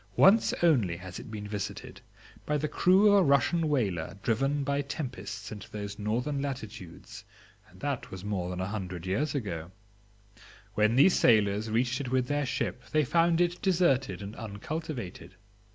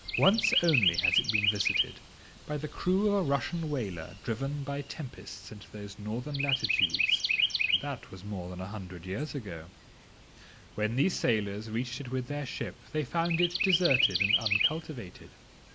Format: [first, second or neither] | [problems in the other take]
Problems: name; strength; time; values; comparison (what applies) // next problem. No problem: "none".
first | background sound (Chirp, tweet); 1 dB below the speech